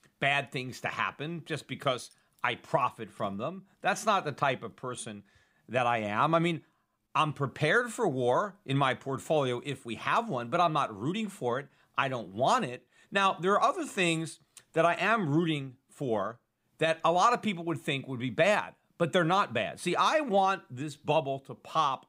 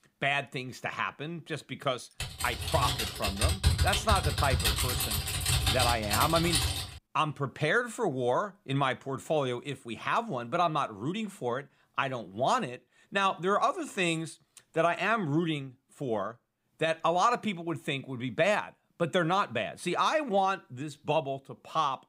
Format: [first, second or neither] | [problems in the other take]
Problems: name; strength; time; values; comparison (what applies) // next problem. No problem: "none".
first | keyboard typing; loud; from 2 to 7 s; peak 4 dB above the speech